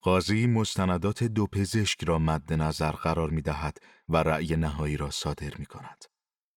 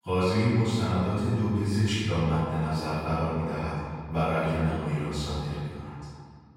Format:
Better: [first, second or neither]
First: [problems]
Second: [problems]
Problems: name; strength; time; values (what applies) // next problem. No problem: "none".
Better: first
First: none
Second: off-mic speech; far // room echo; strong; dies away in 1.9 s